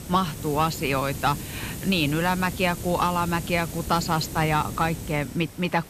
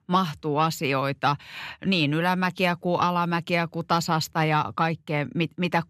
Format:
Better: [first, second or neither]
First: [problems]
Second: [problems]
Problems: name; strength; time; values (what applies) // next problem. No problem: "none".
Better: second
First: hiss; loud; throughout; 10 dB below the speech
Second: none